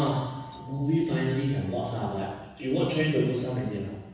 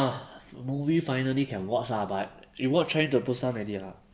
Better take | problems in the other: second | background sound (Doorbell); 19 dB below the speech // room echo; dies away in 1.1 s

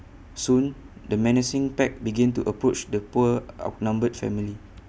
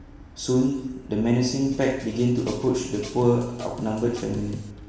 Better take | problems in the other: first | background sound (Drum kit); 16 dB below the speech // room echo; dies away in 1.1 s

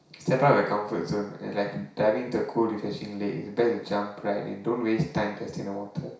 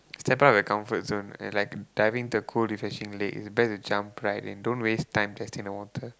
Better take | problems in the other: second | room echo; dies away in 0.6 s

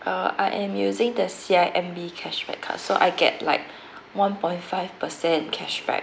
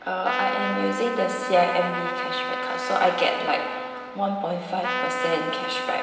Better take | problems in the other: first | background sound (Trumpet); 4 dB below the speech // room echo; dies away in 1.6 s

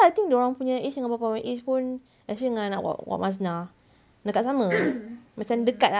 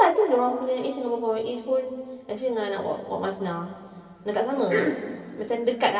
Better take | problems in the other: first | room echo; dies away in 2.4 s

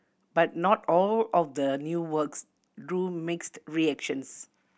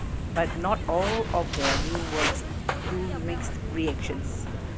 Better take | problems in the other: first | background sound (Walk, footsteps); 1 dB above the speech

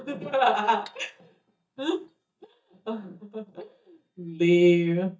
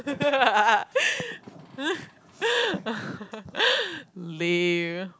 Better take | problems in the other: second | noise reduction (neural mask model DeepFilterNet 3)

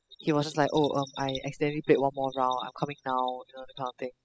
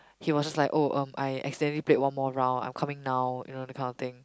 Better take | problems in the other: second | noise reduction (classical method spectral subtraction)

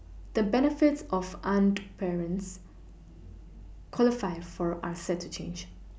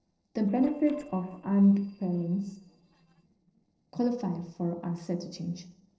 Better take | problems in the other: first | noise reduction (neural separator model SepFormer DNS4)

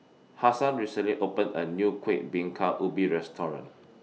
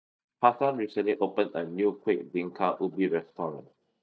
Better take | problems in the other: first | noise reduction (neural mask model DeepFilterNet 3)

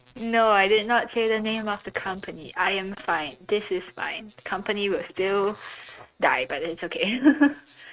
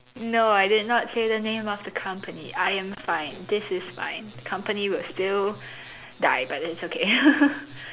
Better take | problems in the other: second | noise reduction (neural mask model RNNoise)

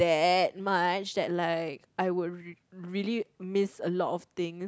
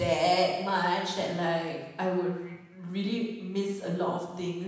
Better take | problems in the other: first | room echo; dies away in 1.1 s

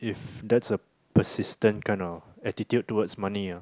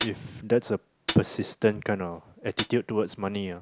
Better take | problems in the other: first | background sound (Hi-hat); 11 dB below the speech

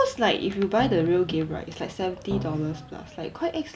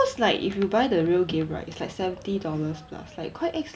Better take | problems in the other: second | background sound (Drum); 11 dB below the speech

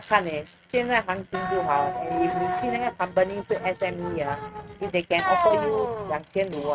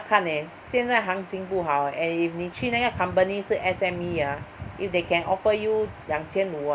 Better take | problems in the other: second | noise reduction (neural mask model RNNoise)

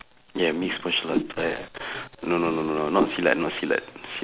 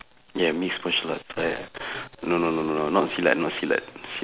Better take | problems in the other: second | background sound (Whoosh, swoosh, swish); 7 dB below the speech

